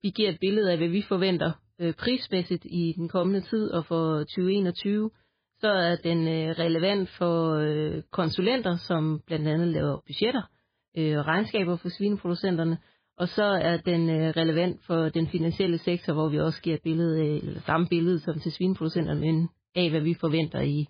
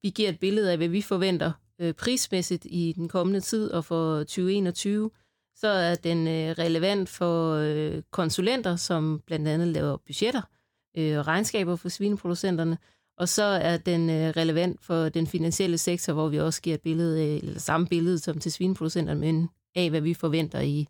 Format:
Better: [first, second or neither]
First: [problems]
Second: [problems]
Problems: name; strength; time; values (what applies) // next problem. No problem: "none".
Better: second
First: garbled, watery; badly; nothing above 4.5 kHz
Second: none